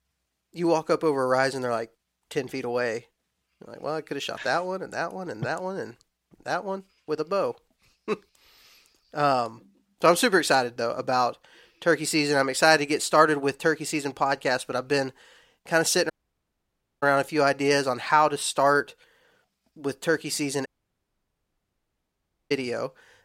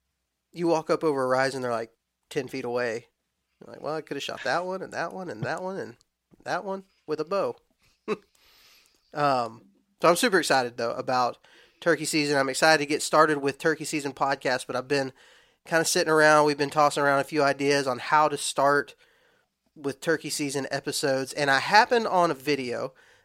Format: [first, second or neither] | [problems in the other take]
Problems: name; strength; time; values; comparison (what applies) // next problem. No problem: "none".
second | audio cutting out; at 16 s for 1 s and at 21 s for 2 s